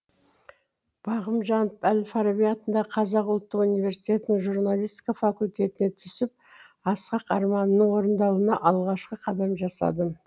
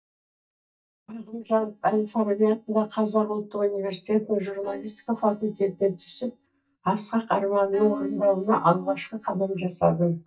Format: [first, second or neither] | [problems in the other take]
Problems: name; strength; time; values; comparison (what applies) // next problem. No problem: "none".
first | noise reduction (neural mask model DeepFilterNet 3)